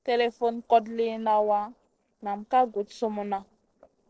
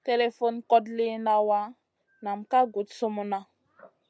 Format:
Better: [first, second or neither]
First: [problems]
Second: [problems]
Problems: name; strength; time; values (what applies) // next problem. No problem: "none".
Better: second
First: noise reduction (neural separator model SepFormer DNS4)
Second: none